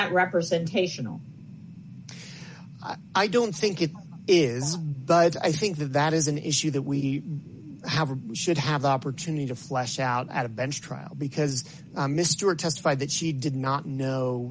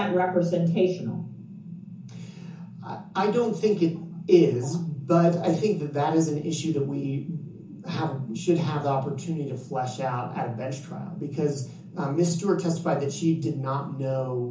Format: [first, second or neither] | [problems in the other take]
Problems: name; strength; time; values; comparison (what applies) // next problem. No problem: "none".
first | room echo; dies away in 0.6 s